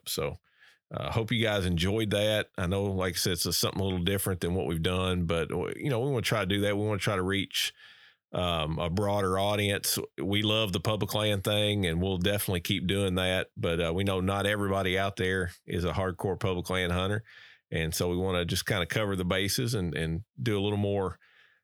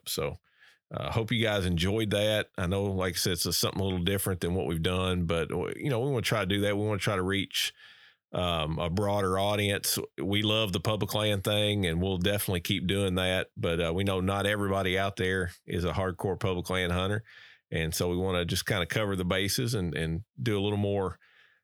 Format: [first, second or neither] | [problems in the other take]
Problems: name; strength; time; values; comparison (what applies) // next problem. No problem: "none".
neither | none